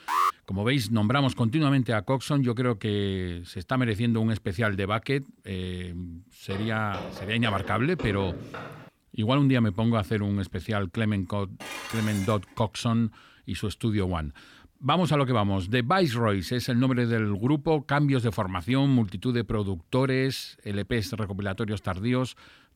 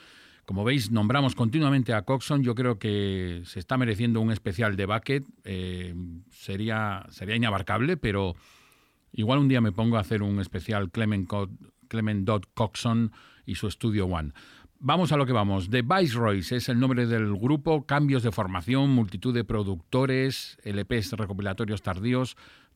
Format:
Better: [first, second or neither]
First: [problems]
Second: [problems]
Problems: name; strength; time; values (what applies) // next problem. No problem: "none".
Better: second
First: alarm; loud; at the start; peak 1 dB above the speech // footsteps; noticeable; from 6.5 to 9 s; peak 9 dB below the speech // clattering dishes; noticeable; at 12 s; peak 8 dB below the speech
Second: none